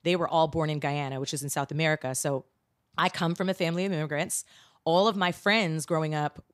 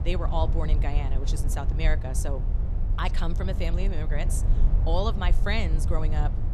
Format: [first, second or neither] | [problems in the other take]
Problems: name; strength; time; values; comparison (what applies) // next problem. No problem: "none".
first | low rumble; loud; throughout; 10 dB below the speech